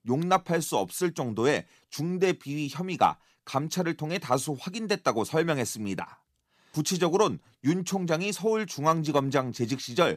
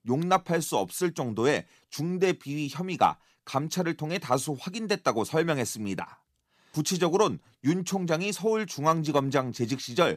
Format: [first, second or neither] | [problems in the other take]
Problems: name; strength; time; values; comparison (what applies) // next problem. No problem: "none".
neither | none